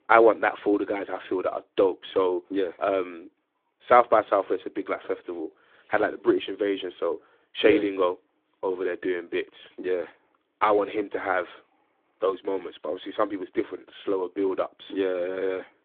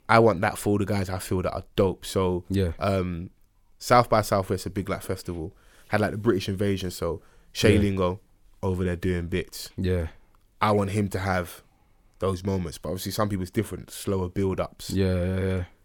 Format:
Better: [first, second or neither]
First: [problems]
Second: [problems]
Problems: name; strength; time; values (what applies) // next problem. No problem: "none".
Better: second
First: phone-call audio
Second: none